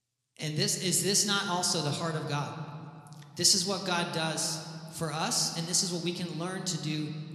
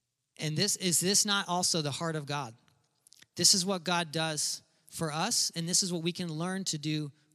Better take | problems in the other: second | room echo; slight; dies away in 2 s

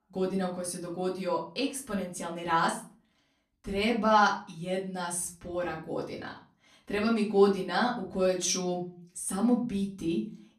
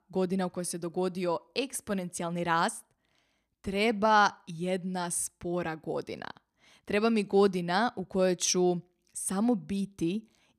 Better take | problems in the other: second | room echo; slight; dies away in 0.3 s // off-mic speech; far

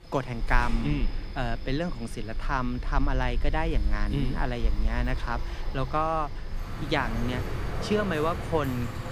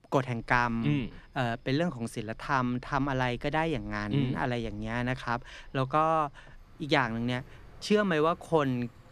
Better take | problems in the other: second | household noises; loud; throughout; 4 dB below the speech; faint in the second

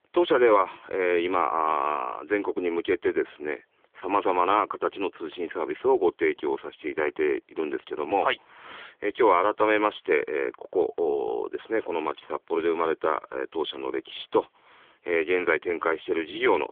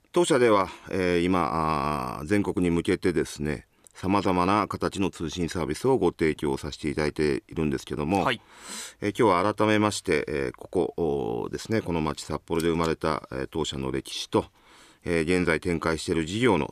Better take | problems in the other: second | phone-call audio; nothing above 3.5 kHz

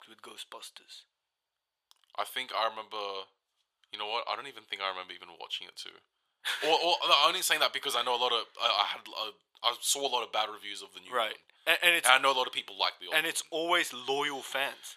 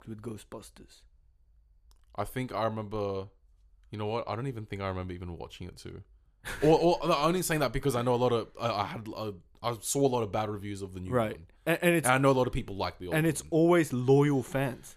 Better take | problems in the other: second | thin; very; fading below 900 Hz

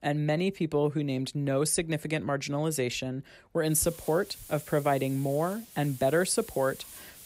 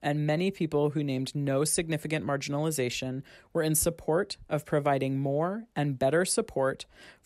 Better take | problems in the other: second | hiss; noticeable; from 3.5 s on; 15 dB below the speech

